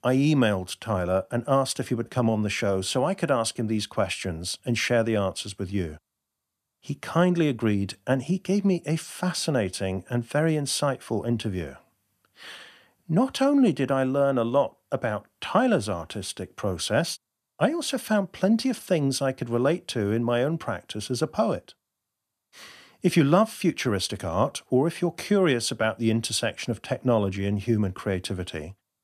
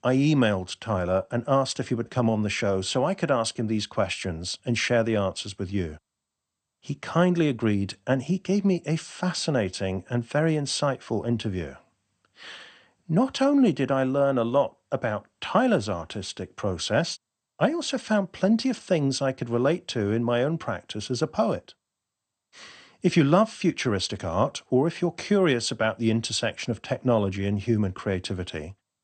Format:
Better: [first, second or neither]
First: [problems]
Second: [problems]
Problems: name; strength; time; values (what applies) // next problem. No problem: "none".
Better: first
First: none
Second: garbled, watery; slightly; nothing above 8.5 kHz